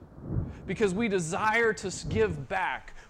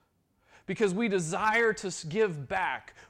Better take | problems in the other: second | rain or running water; noticeable; throughout; 10 dB below the speech

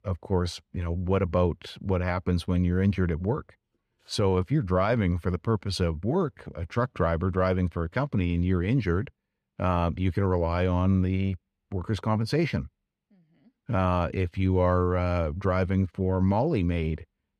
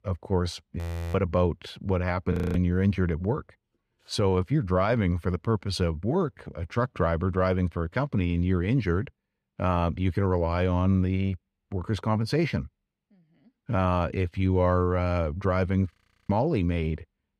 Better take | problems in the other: first | audio freezing; at 1 s, at 2.5 s and at 16 s

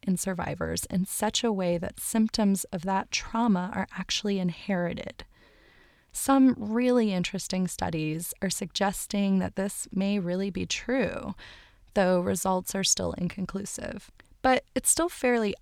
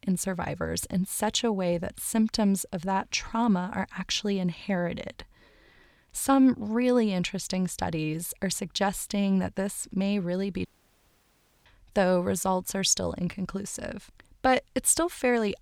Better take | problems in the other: first | audio cutting out; at 11 s for 1 s

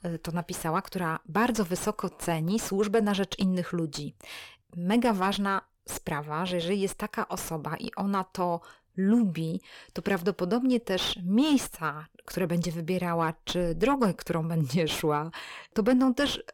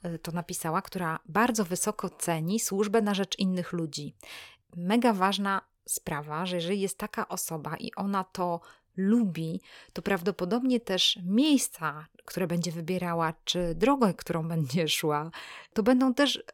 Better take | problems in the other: second | distortion; slight; 10 dB below the speech

